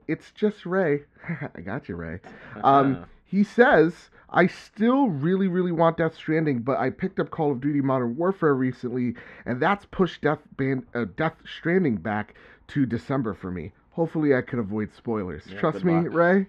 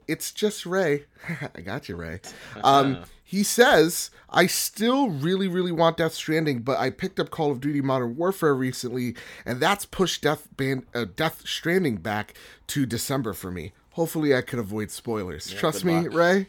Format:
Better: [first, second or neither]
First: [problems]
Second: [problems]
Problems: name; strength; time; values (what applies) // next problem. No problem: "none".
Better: second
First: muffled; very; fading above 1.5 kHz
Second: none